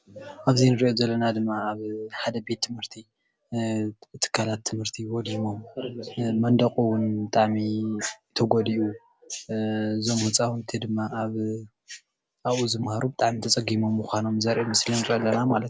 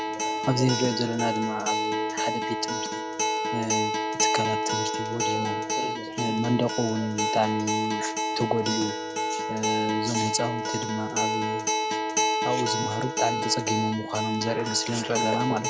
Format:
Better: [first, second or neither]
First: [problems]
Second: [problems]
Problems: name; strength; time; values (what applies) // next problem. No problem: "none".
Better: first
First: none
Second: background sound (Acoustic guitar); 1 dB above the speech